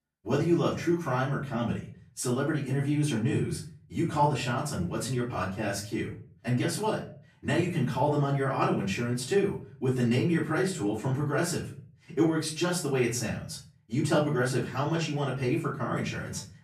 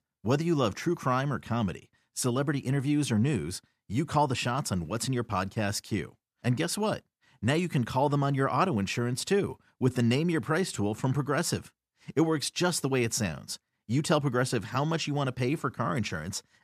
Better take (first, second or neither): second